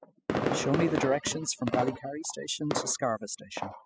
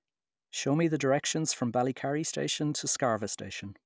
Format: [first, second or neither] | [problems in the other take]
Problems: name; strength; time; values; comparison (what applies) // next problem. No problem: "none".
second | noise reduction (classical method spectral subtraction)